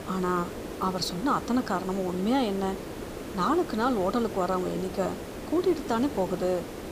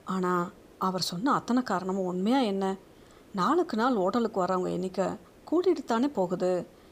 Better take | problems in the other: second | hiss; loud; throughout; 9 dB below the speech; faint in the second

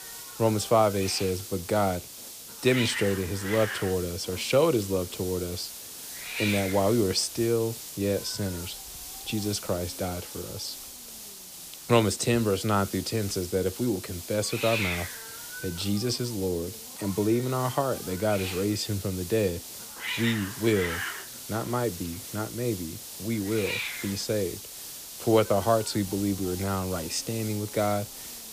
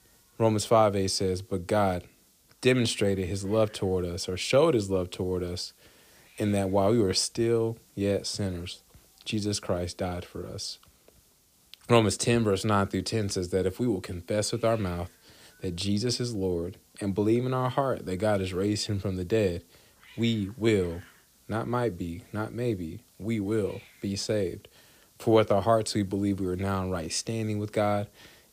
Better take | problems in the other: second | hiss; loud; throughout; 8 dB below the speech; faint in the second

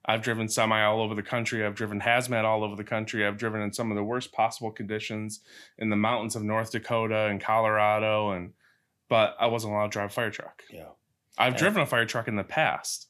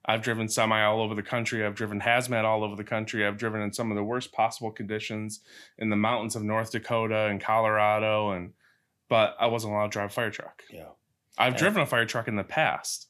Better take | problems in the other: neither | none

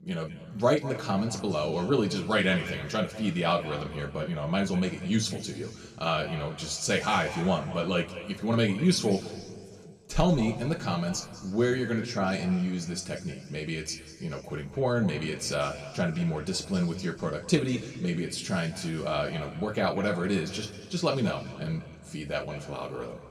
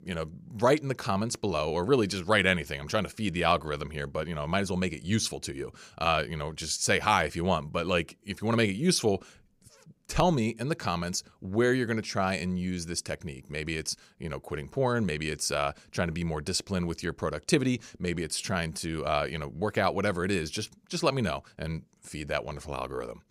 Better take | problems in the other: second | room echo; slight; dies away in 1.9 s // off-mic speech; somewhat distant

